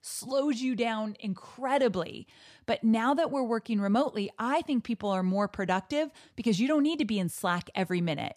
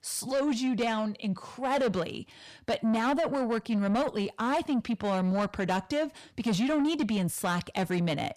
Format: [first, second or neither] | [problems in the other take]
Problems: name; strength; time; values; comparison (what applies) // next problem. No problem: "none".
first | distortion; slight; 10 dB below the speech